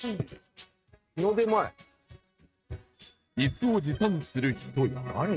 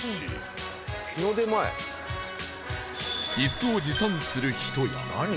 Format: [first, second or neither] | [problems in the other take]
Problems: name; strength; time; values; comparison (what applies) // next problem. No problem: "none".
second | noise reduction (neural mask model RNNoise)